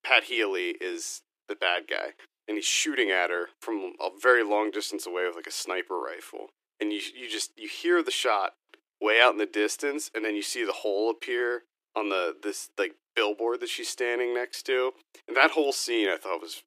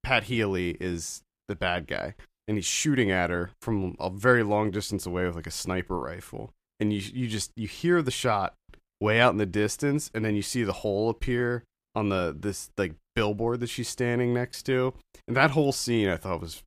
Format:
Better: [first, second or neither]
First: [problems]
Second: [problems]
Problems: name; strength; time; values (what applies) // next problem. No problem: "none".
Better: second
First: thin; very; fading below 300 Hz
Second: none